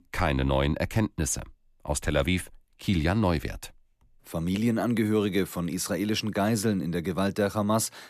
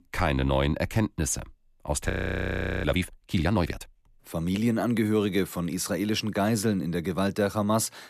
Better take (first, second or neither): first